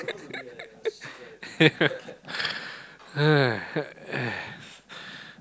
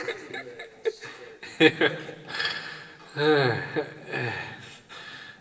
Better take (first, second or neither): first